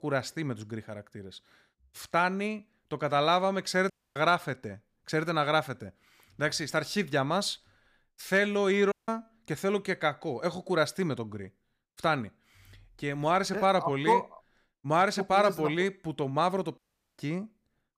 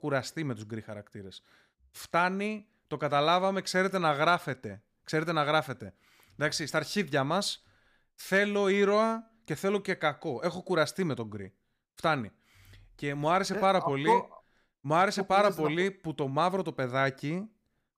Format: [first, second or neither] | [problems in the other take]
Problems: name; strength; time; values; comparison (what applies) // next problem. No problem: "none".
second | audio cutting out; at 4 s, at 9 s and at 17 s